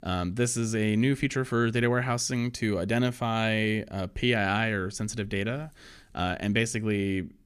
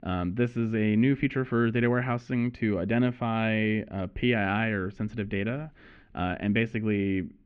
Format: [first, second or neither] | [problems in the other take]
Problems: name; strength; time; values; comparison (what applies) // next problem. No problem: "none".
first | muffled; very; fading above 2.5 kHz